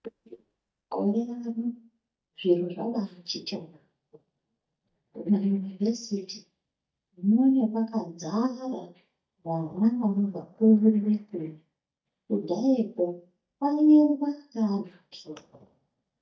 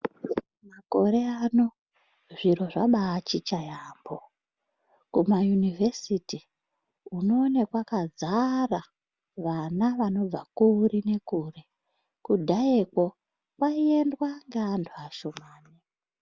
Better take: second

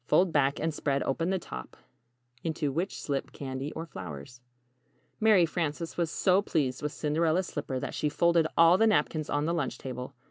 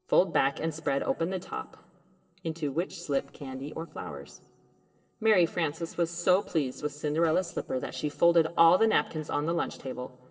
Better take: first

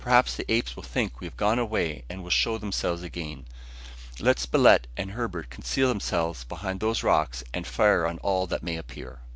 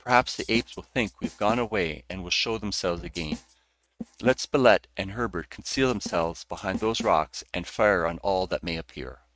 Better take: first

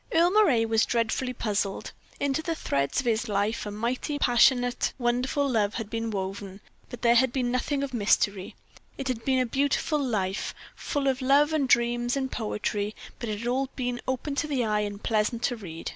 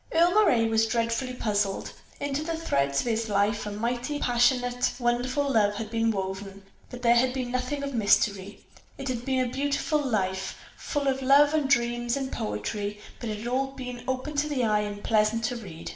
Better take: first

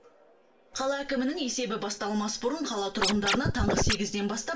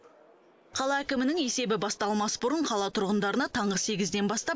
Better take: second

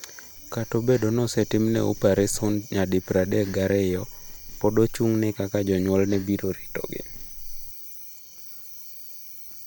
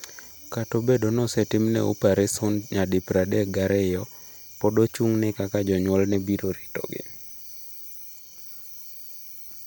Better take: second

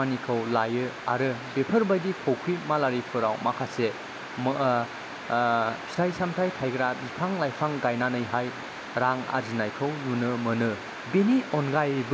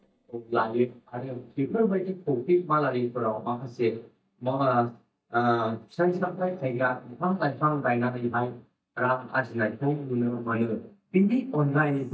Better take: first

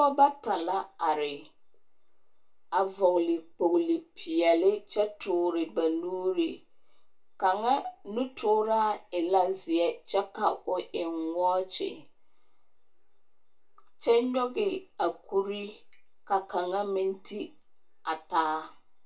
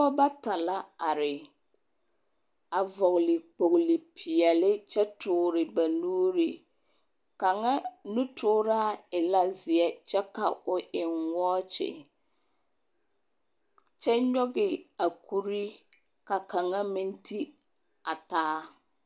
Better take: second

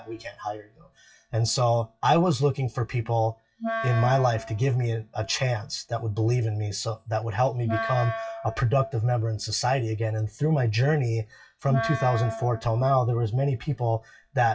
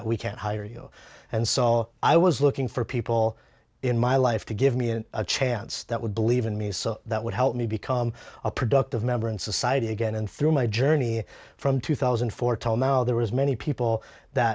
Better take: second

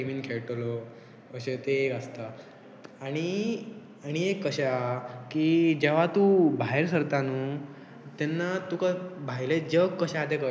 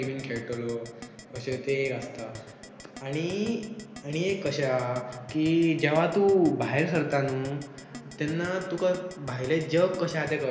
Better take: first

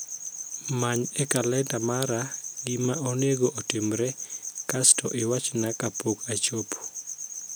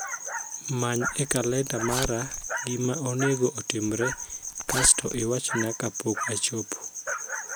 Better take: first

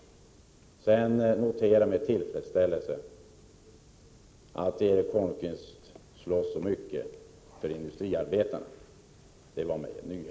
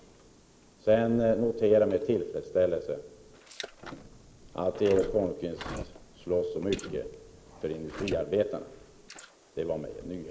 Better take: first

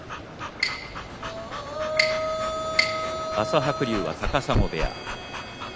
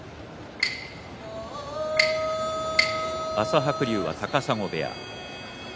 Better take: second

